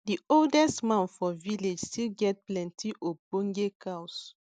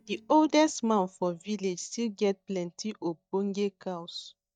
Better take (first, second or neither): first